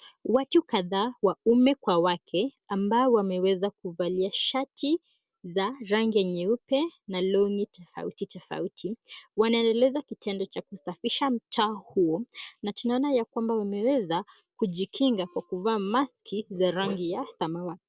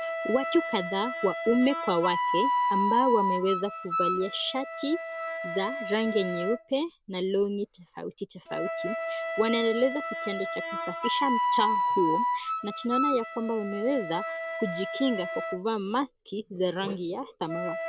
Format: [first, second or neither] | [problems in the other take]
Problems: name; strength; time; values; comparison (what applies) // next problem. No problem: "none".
first | background sound (Wind instrument, woodwind instrument); 2 dB below the speech